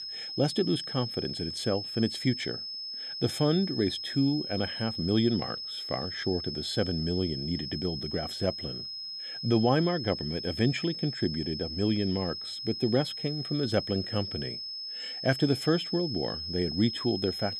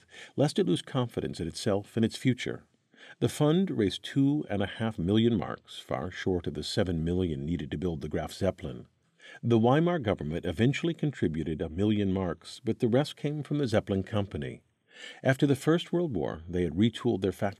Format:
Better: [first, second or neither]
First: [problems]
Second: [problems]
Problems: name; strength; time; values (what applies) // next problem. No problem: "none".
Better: second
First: high-pitched whine; loud; throughout; 5 kHz, 5 dB below the speech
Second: none